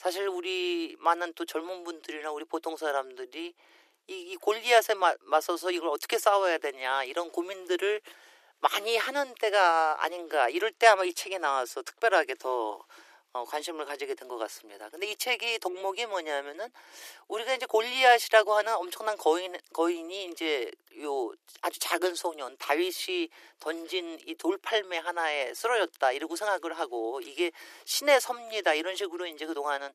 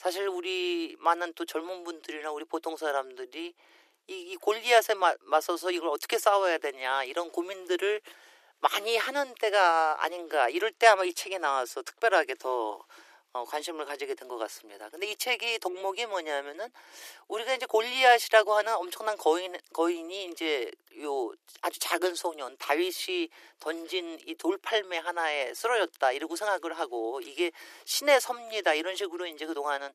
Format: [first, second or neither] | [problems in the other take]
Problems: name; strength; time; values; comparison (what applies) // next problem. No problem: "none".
neither | thin; very; fading below 350 Hz; the same in both